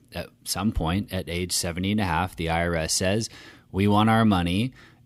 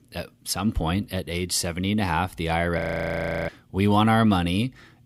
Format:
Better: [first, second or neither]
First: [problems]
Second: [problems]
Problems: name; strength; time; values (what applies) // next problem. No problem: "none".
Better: first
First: none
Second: audio freezing; at 3 s for 0.5 s